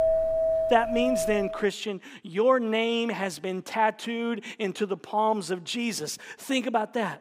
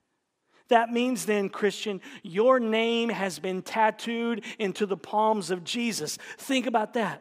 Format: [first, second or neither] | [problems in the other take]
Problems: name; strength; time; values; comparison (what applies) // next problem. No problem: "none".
second | household noises; very loud; until 1.5 s; as loud as the speech